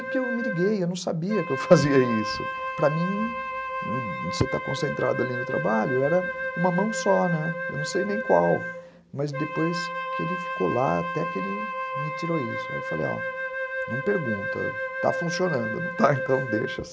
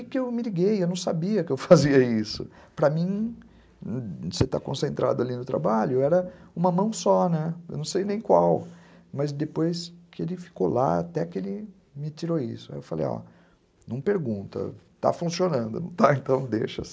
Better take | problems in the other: second | background sound (Wind instrument, woodwind instrument); 5 dB below the speech

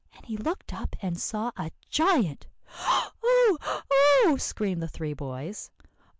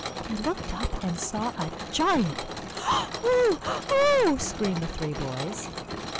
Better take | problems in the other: first | background sound (Mechanisms); 8 dB below the speech

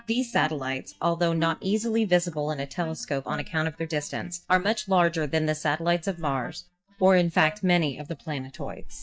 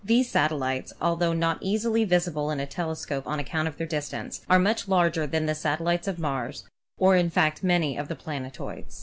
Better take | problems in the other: second | noise reduction (neural mask model DeepFilterNet 3)

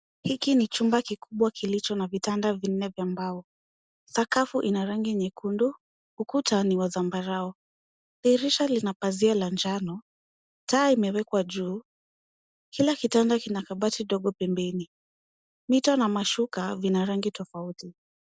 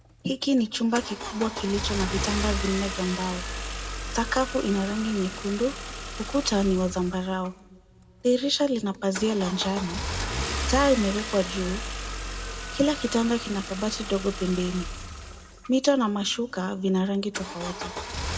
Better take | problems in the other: first | background sound (Engine starting / Car); 7 dB below the speech // room echo; dies away in 0.8 s

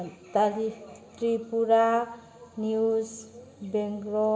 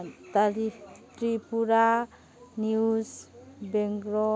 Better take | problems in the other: second | room echo; dies away in 2.7 s

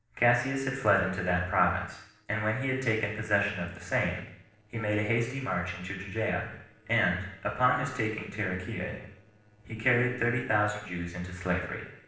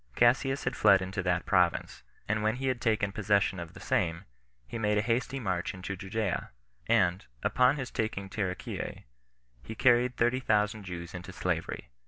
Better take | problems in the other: second | noise reduction (neural separator model SepFormer DNS4)

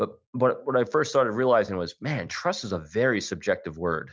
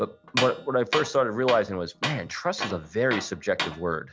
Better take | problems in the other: first | background sound (Tools); 8 dB below the speech

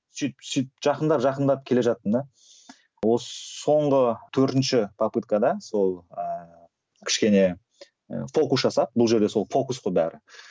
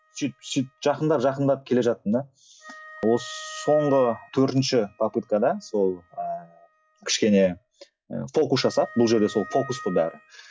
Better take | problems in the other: first | noise reduction (classical method log-MMSE)

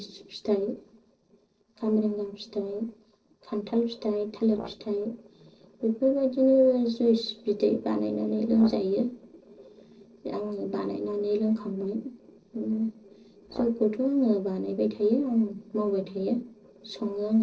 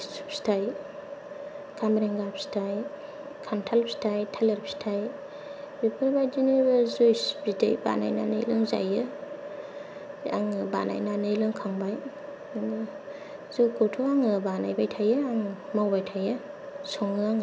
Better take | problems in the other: second | noise reduction (neural separator model SepFormer DNS4)

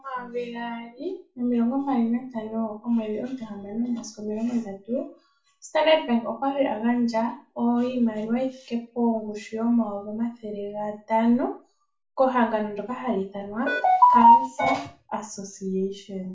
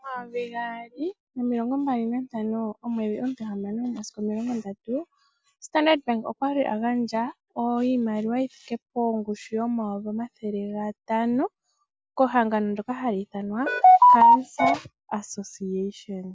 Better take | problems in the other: second | room echo; dies away in 0.3 s

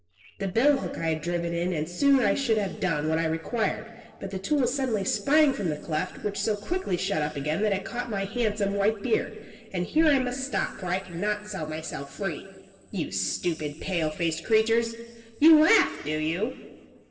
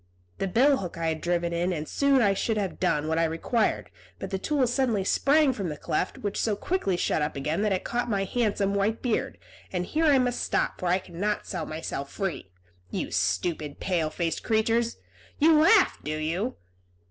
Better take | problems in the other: second | noise reduction (neural separator model SepFormer DNS4)

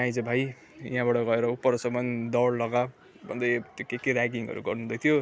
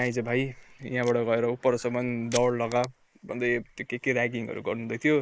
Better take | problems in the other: first | noise reduction (neural mask model Resemble Enhance denoiser)

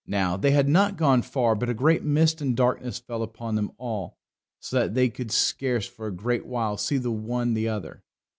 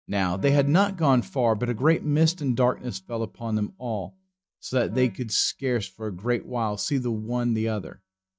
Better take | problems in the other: first | noise reduction (neural mask model DeepFilterNet 3)

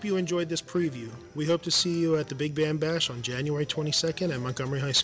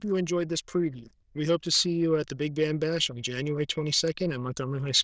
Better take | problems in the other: first | noise reduction (neural diffusion model UNIVERSE++)

